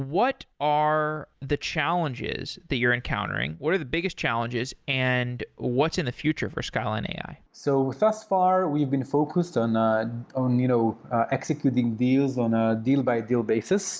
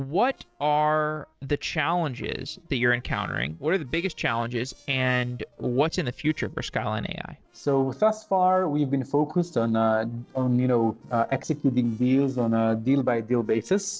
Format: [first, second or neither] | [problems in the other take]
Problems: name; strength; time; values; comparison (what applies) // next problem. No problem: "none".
first | noise reduction (neural separator model SepFormer DNS4)